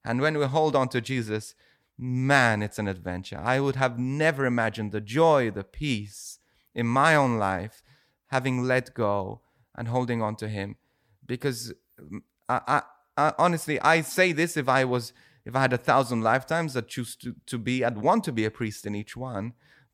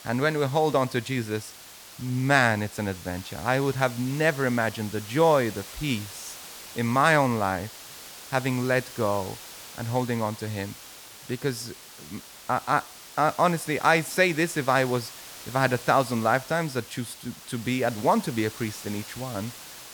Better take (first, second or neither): first